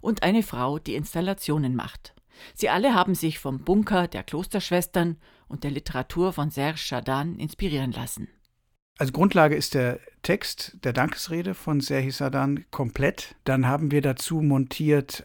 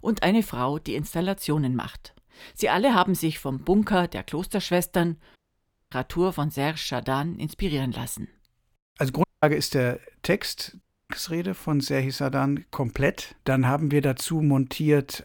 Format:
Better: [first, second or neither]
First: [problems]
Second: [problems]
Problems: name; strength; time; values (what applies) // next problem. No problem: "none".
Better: first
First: none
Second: audio cutting out; at 5.5 s for 0.5 s, at 9 s and at 11 s